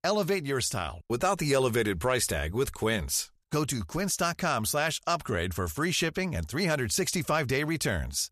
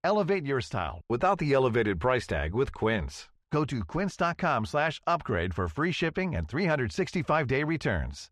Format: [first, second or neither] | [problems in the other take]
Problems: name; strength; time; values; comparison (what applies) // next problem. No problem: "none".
first | muffled; slightly; fading above 2.5 kHz